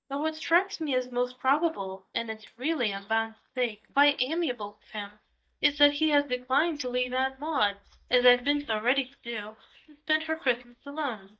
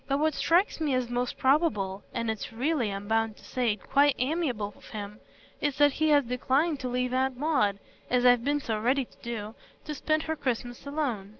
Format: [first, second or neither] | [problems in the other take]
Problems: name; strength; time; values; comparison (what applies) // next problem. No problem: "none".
second | noise reduction (neural mask model DeepFilterNet 3)